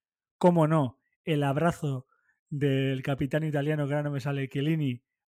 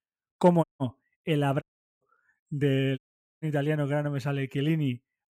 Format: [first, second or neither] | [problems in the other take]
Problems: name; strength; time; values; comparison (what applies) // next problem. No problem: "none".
first | audio cutting out; at 0.5 s, at 1.5 s and at 3 s